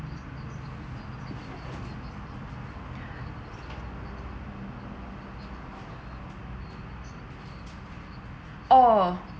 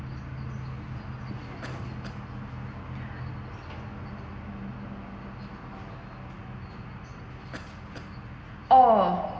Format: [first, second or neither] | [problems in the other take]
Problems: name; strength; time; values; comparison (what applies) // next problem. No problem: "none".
first | background sound (Cough); 19 dB below the speech // room echo; dies away in 2.1 s